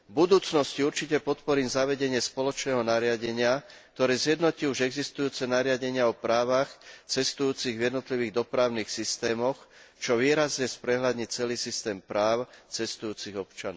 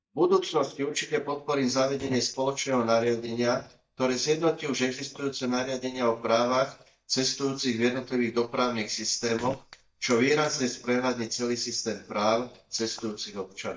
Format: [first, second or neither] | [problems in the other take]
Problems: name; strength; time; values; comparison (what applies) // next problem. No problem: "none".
first | noise reduction (neural mask model DeepFilterNet 3)